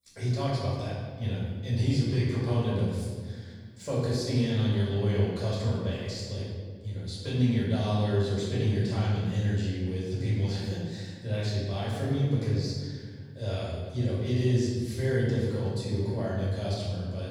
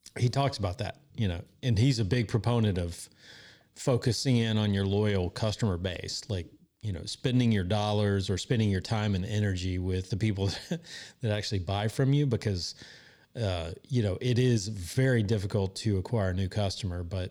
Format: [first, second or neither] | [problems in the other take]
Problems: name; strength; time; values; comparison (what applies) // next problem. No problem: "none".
second | room echo; strong; dies away in 1.5 s // off-mic speech; far